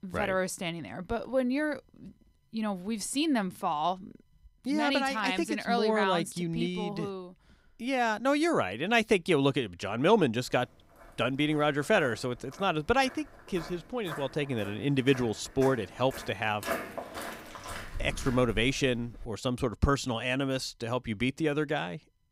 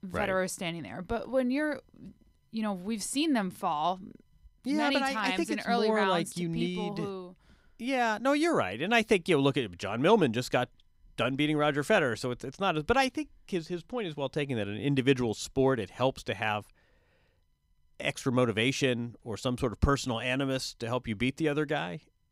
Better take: second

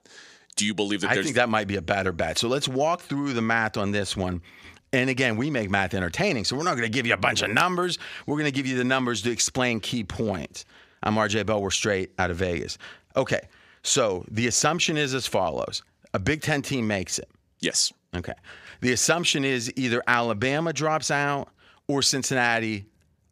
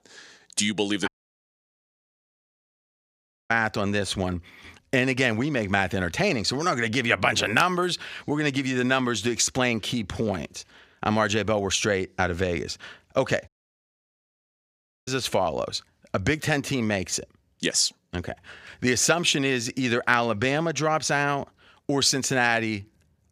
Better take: first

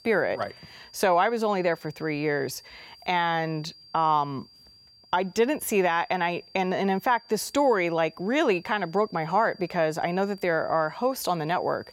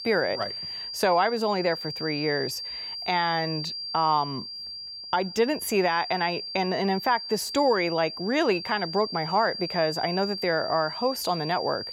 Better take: first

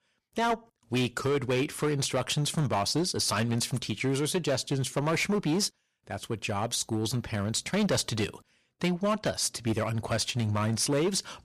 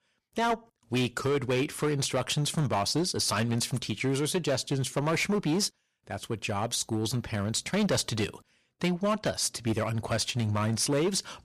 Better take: neither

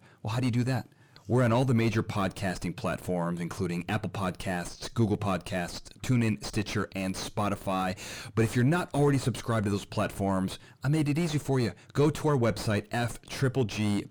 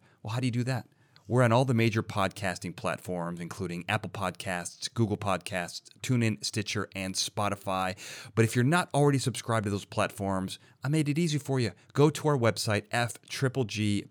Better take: second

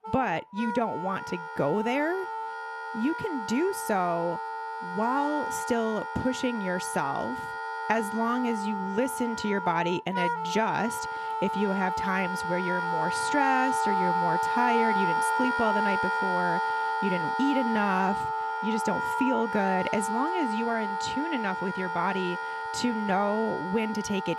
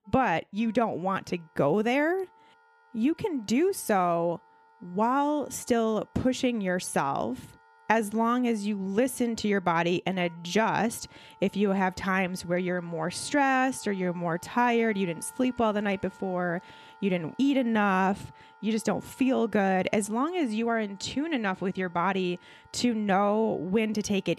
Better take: second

